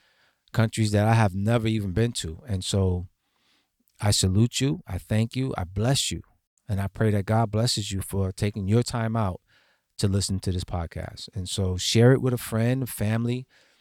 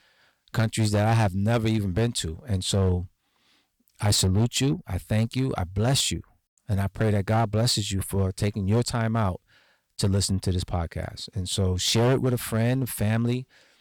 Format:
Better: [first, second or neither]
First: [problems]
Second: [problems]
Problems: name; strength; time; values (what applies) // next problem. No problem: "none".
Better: first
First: none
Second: distortion; slight; 7% of the sound clipped